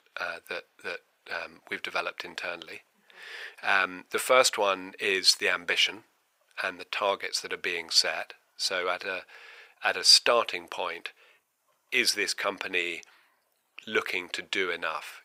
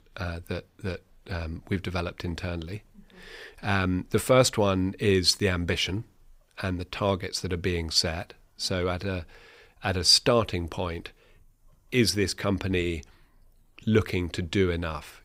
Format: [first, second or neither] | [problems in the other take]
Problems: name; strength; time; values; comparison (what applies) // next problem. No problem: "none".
second | thin; very; fading below 700 Hz